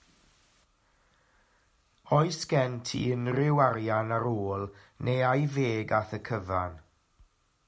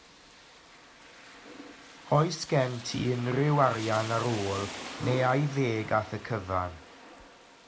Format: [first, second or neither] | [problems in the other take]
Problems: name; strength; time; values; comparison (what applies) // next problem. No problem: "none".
first | background sound (Rain); 13 dB below the speech